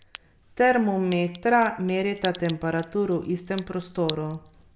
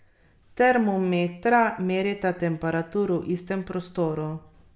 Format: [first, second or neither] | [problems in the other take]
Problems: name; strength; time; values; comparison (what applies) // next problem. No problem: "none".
second | background sound (Crack); 19 dB below the speech